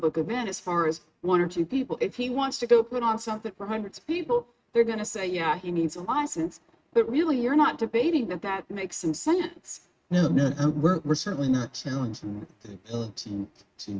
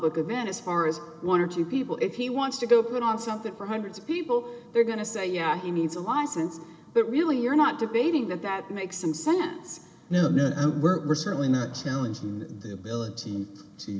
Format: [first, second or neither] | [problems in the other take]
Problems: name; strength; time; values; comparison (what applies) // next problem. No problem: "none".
second | noise reduction (neural mask model RNNoise)